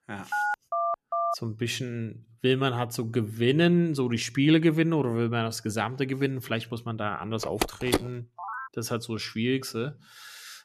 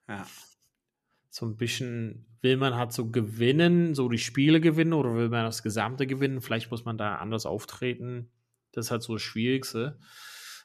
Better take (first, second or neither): second